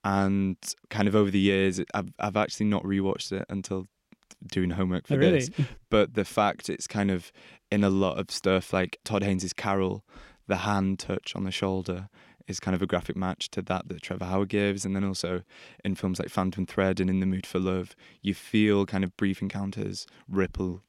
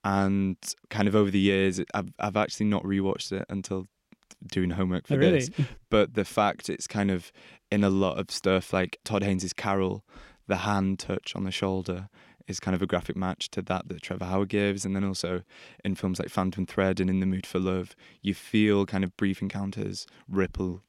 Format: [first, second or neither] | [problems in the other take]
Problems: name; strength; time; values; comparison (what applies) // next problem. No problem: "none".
neither | none